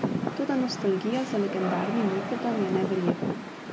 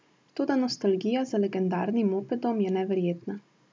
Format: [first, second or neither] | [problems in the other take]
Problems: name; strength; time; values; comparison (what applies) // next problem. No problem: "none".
second | background sound (Rain); 3 dB below the speech